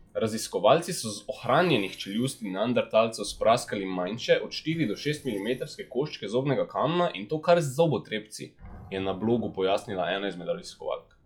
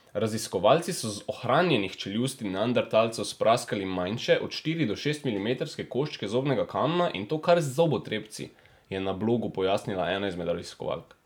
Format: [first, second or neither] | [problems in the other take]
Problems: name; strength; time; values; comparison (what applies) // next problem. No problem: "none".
second | noise reduction (classical method log-MMSE)